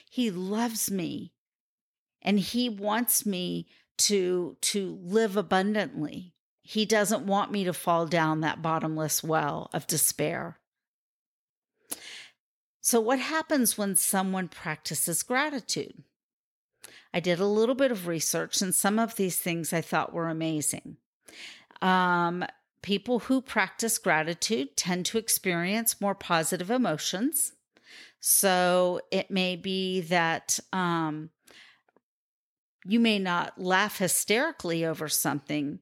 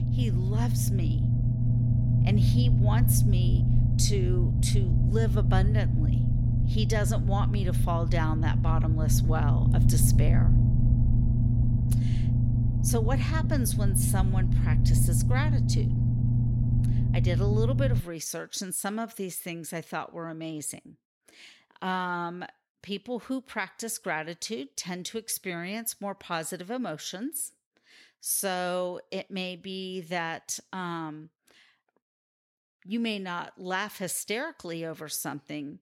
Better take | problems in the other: first | low rumble; loud; until 18 s; 3 dB below the speech

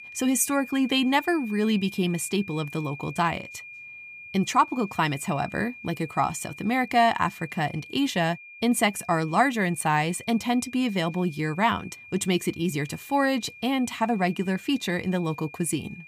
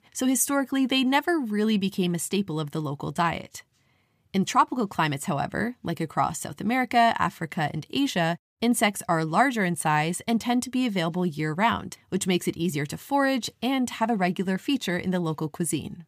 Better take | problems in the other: second | high-pitched whine; noticeable; throughout; 2.5 kHz, 15 dB below the speech

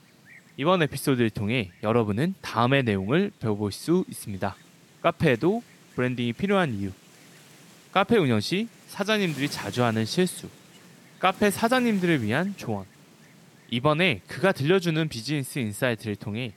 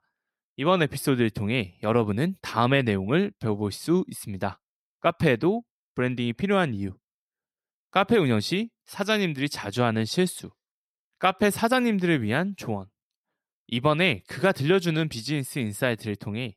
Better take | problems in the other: second | wind noise on the microphone; occasional gusts; 25 dB below the speech

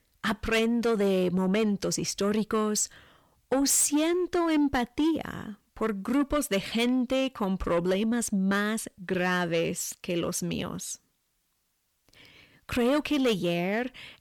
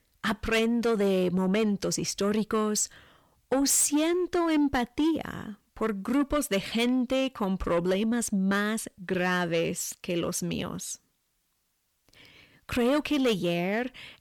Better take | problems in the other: neither | distortion; slight; 10 dB below the speech; the same in both

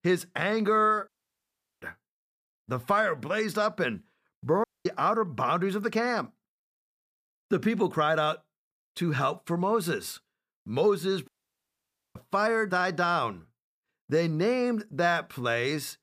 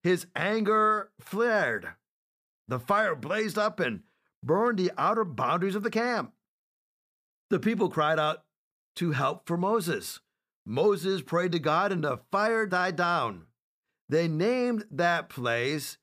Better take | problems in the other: second | audio cutting out; at 1 s for 0.5 s, at 4.5 s and at 11 s for 1 s

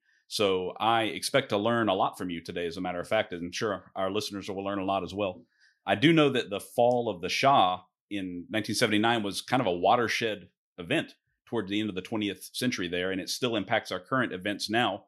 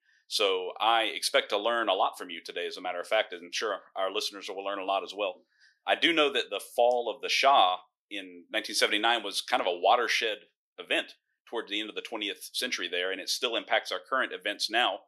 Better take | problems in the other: first | thin; somewhat; fading below 450 Hz

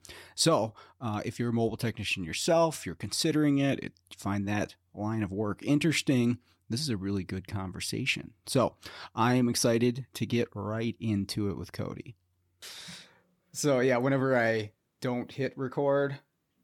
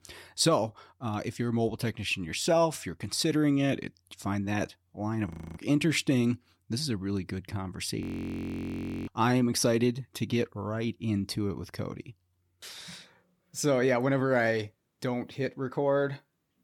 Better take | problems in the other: first | audio freezing; at 5.5 s and at 8 s for 1 s

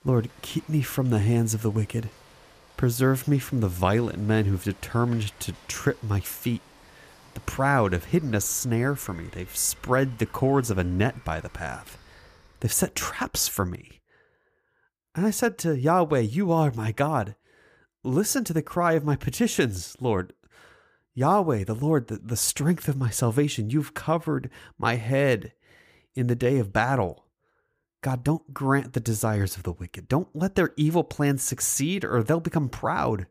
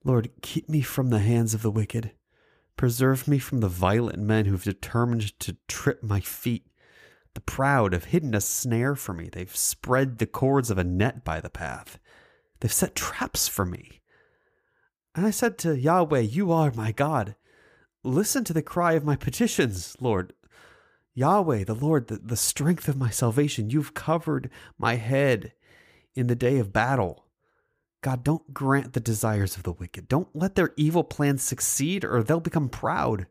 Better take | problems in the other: second | rain or running water; faint; until 12 s; 25 dB below the speech

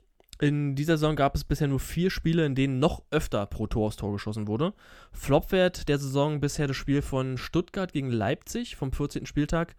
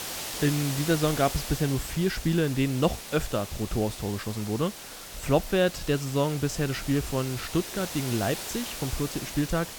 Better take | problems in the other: first | hiss; loud; throughout; 8 dB below the speech

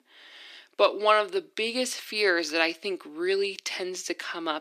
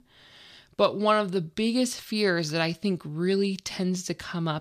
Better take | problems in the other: second | thin; very; fading below 300 Hz

